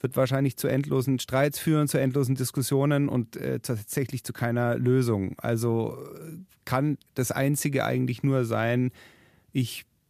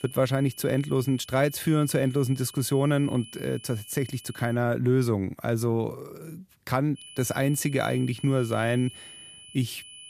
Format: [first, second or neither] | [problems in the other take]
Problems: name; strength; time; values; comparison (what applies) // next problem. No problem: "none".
first | high-pitched whine; noticeable; until 4.5 s and from 7 s on; 3 kHz, 20 dB below the speech